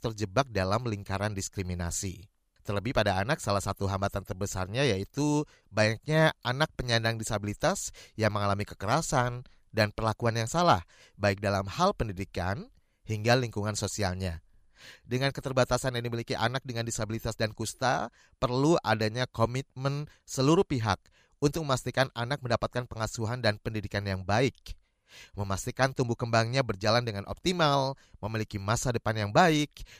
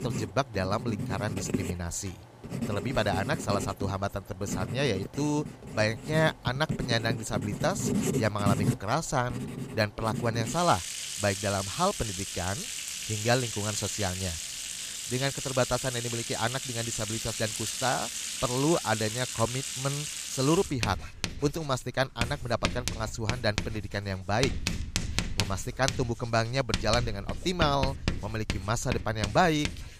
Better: first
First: none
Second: household noises; loud; throughout; 4 dB below the speech

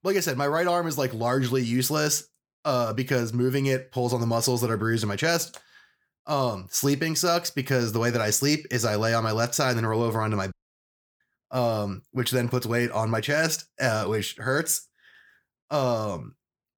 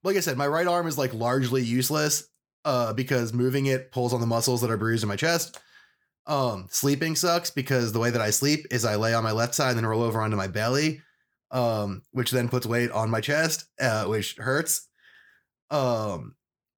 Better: second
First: audio cutting out; at 11 s for 0.5 s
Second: none

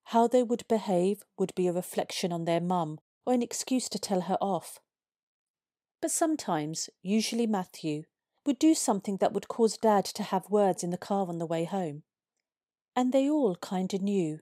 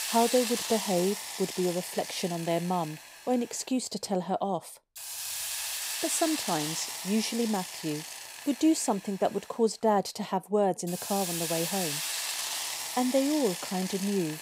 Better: first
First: none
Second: hiss; loud; throughout; 4 dB below the speech

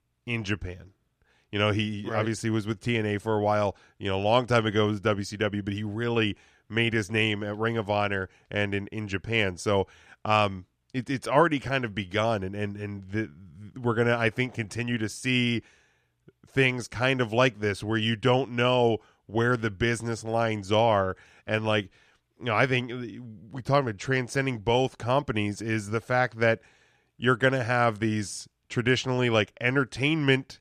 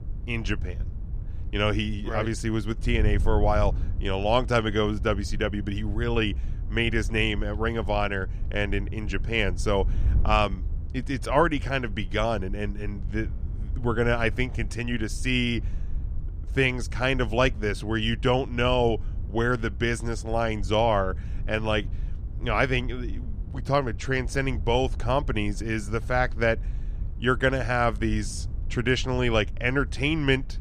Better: first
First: none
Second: wind noise on the microphone; occasional gusts; 25 dB below the speech

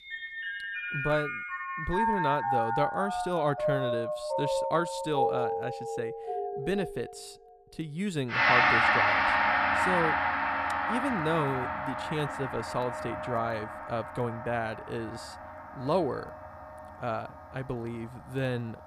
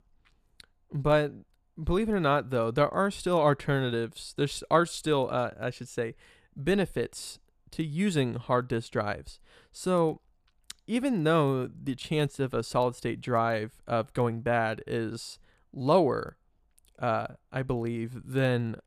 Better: second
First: background music; very loud; throughout; 4 dB above the speech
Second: none

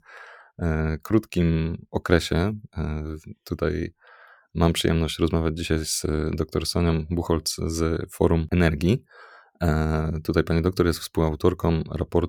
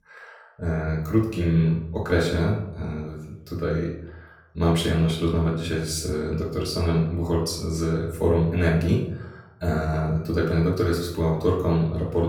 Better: first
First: none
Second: off-mic speech; far // room echo; noticeable; dies away in 0.6 s

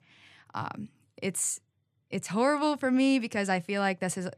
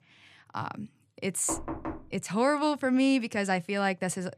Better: first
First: none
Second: door banging; noticeable; at 1.5 s; peak 8 dB below the speech

